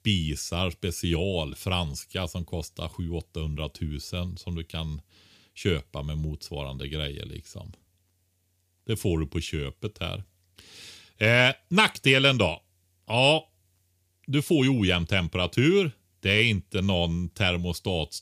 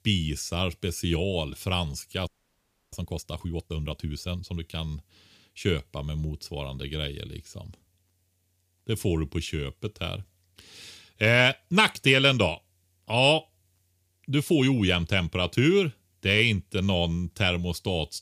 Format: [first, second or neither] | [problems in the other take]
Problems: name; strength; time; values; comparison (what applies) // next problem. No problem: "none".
first | audio freezing; at 2.5 s for 0.5 s